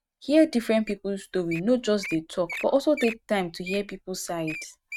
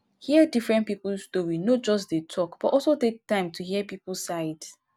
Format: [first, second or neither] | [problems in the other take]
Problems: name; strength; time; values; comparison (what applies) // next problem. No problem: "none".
second | noise reduction (neural mask model RNNoise)